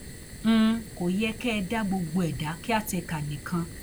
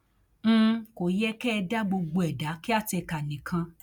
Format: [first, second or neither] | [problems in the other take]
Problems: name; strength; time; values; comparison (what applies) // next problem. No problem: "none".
second | background sound (Fire); 14 dB below the speech